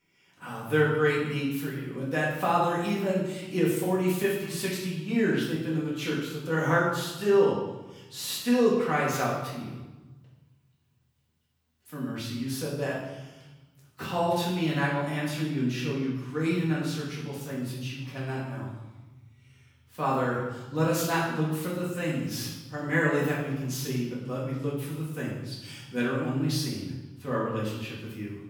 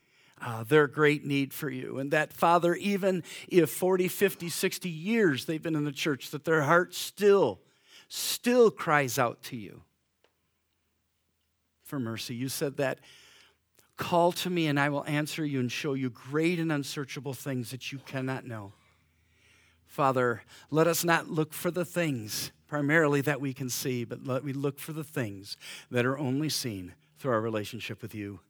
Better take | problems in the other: second | off-mic speech; far // room echo; noticeable; dies away in 1.1 s

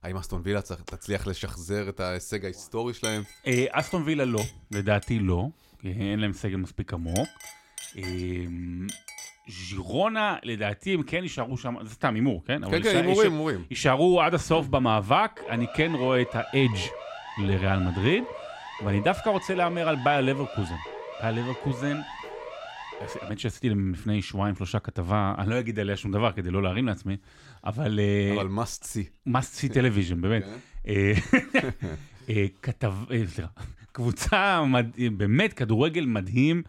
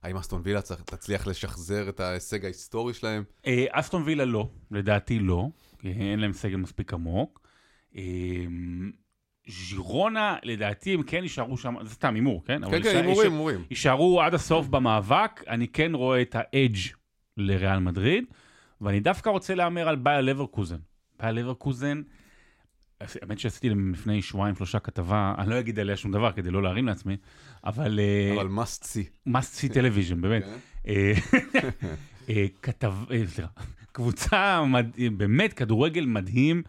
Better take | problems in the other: second | clattering dishes; noticeable; from 3 to 9.5 s; peak 8 dB below the speech // siren; faint; from 15 to 23 s; peak 10 dB below the speech

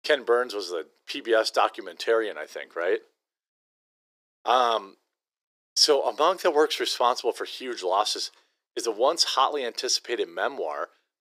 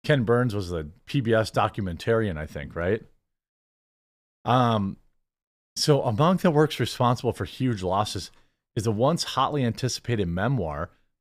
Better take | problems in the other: second | thin; very; fading below 350 Hz

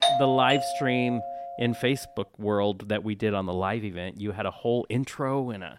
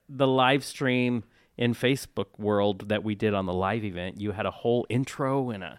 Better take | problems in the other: second | doorbell; loud; until 1.5 s; peak 5 dB above the speech

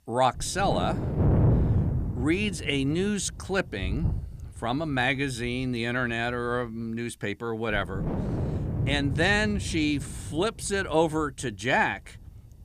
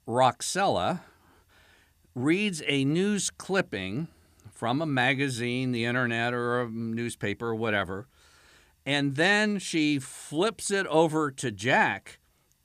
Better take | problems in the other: second | wind noise on the microphone; occasional gusts; 10 dB below the speech

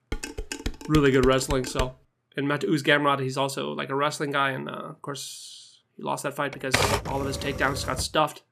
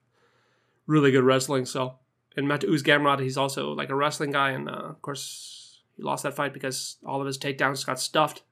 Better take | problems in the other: second | clattering dishes; noticeable; until 2 s; peak 6 dB below the speech // keyboard typing; loud; from 6.5 to 8 s; peak 3 dB above the speech

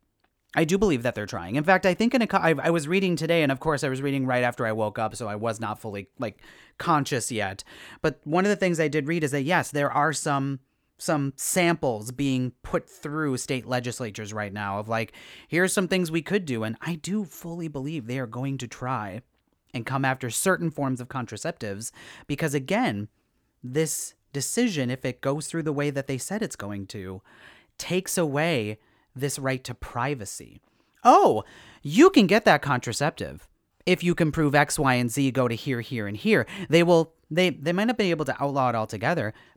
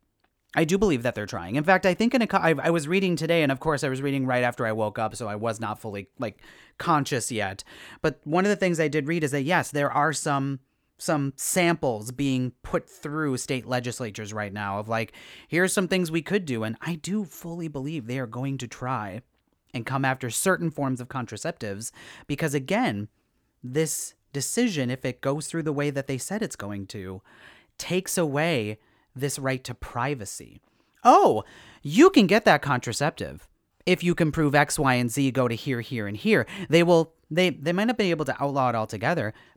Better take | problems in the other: neither | none

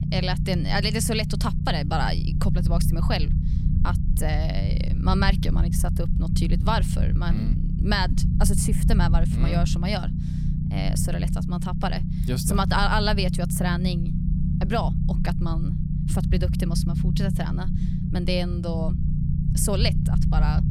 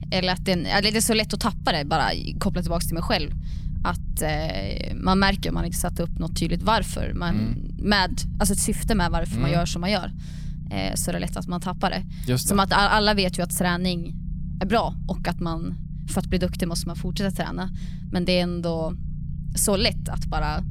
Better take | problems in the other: second | low rumble; loud; throughout; 7 dB below the speech; faint in the second

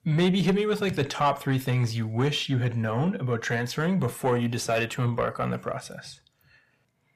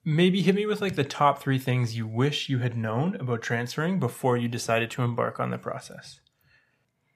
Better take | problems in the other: second | distortion; slight; 10 dB below the speech

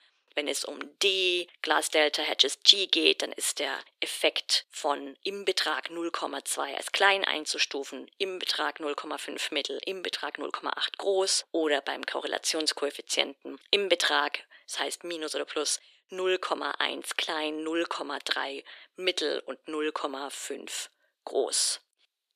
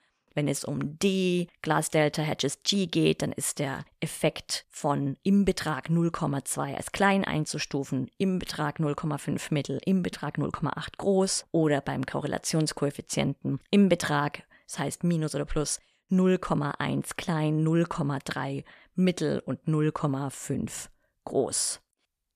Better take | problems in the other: second | thin; very; fading below 350 Hz

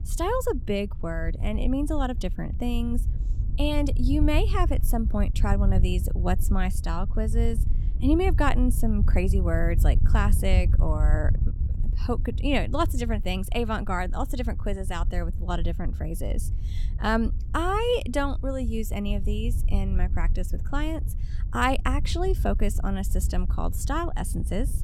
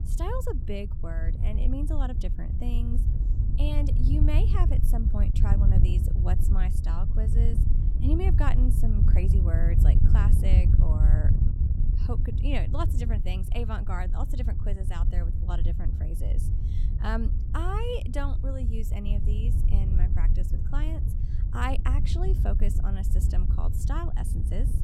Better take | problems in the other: first | wind noise on the microphone; heavy; 4 dB below the speech; occasional gusts in the first

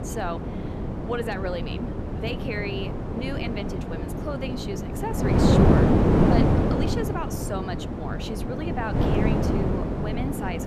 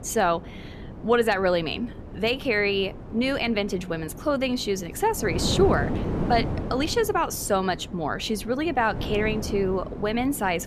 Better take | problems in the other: second | wind noise on the microphone; heavy; 4 dB above the speech; occasional gusts in the second

